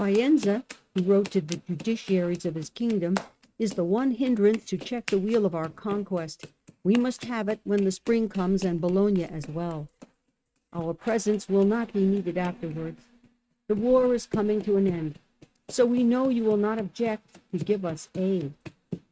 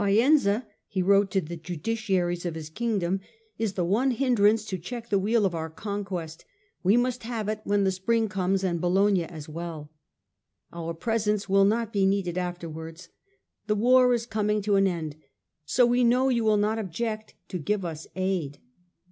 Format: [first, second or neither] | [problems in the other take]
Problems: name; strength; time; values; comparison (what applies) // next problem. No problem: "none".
second | noise reduction (neural mask model RNNoise)